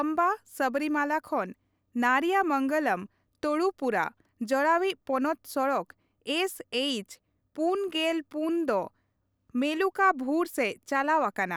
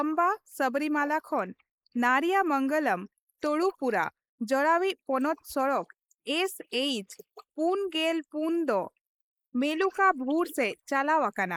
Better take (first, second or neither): first